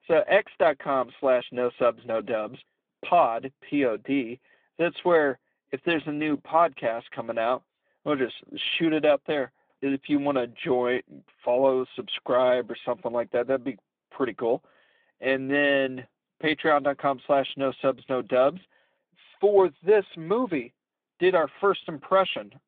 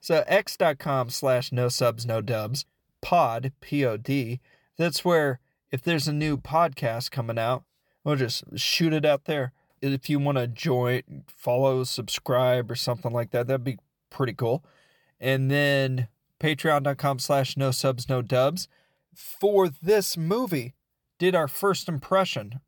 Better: second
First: phone-call audio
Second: none

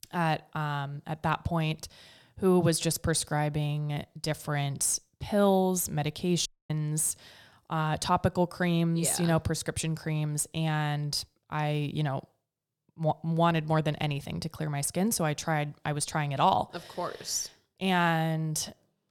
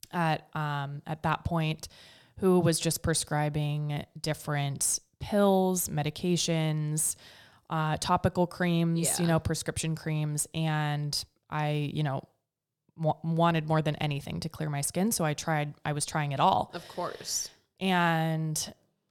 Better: second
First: audio cutting out; at 6.5 s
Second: none

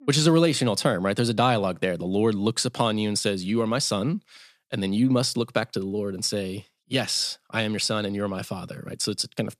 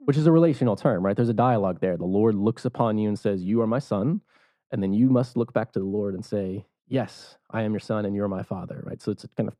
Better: first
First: none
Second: muffled; very; fading above 2 kHz

